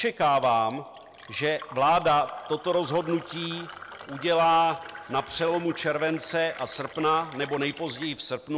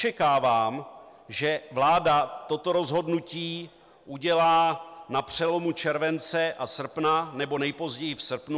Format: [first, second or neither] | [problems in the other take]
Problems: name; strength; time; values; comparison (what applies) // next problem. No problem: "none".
second | background sound (Fill (with liquid)); 17 dB below the speech